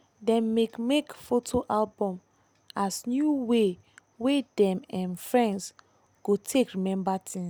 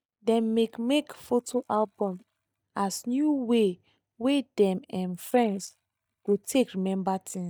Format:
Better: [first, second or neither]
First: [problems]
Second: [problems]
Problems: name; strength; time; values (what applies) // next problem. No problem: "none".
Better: first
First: none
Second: noise reduction (neural mask model DeepFilterNet 3)